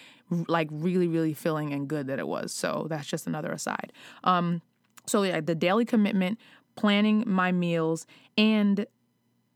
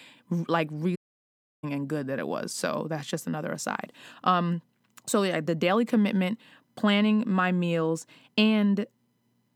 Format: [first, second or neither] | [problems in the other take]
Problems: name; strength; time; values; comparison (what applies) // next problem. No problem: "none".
first | audio cutting out; at 1 s for 0.5 s